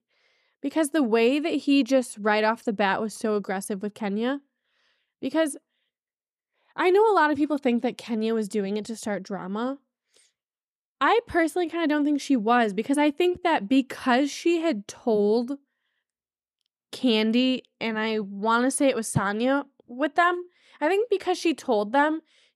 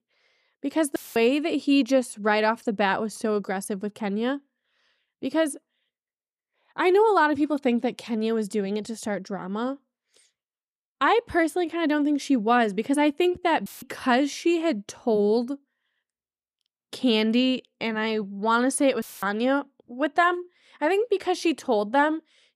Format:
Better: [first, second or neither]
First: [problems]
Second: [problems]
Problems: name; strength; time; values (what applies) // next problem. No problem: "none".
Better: first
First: none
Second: audio cutting out; filled with static; at 1 s, at 14 s and at 19 s